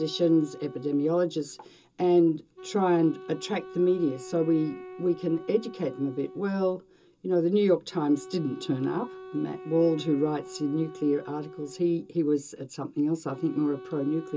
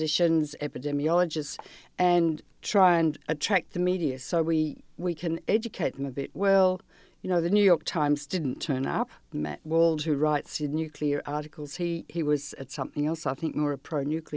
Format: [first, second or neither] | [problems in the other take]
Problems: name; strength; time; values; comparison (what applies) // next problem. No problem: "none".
second | background sound (Wind instrument, woodwind instrument); 17 dB below the speech // room echo; dies away in 0.2 s